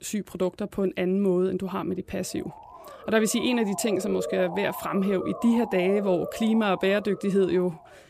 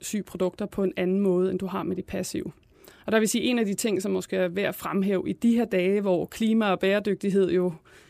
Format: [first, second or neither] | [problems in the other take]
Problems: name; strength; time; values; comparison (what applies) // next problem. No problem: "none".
second | siren; noticeable; from 2 to 7.5 s; peak 7 dB below the speech